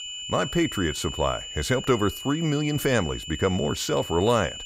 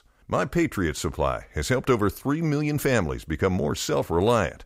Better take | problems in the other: second | high-pitched whine; loud; throughout; 3 kHz, 9 dB below the speech

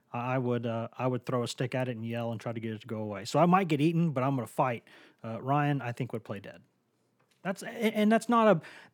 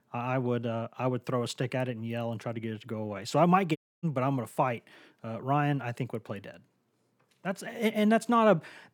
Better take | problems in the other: first | audio cutting out; at 4 s

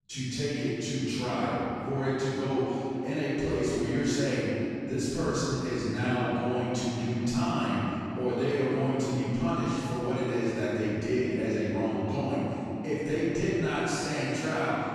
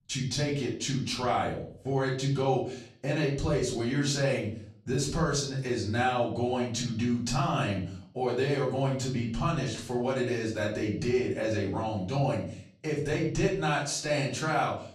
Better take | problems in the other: second | room echo; strong; dies away in 3 s; slight in the second // off-mic speech; far; far in the second

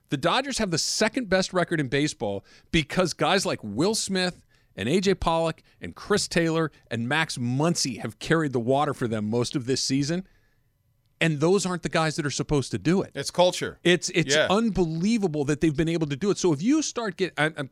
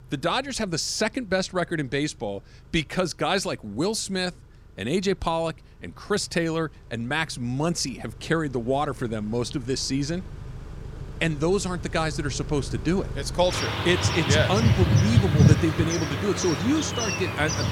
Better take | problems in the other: first | traffic noise; very loud; throughout; 1 dB above the speech

